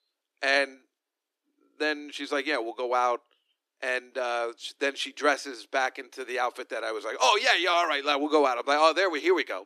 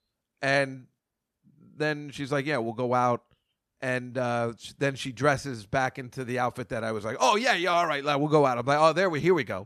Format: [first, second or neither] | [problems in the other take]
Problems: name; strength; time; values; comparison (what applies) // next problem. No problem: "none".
second | thin; somewhat; fading below 300 Hz